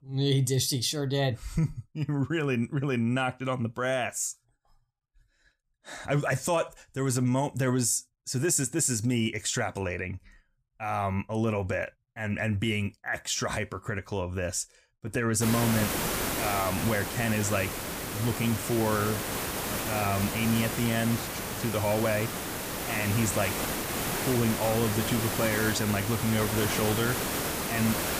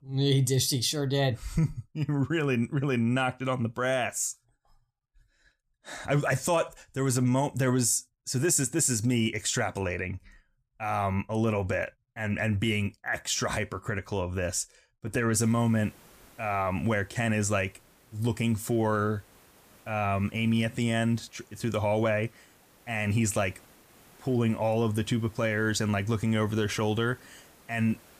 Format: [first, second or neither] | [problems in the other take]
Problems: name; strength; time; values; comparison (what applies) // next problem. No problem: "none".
second | hiss; loud; from 15 s on; 2 dB below the speech; faint in the second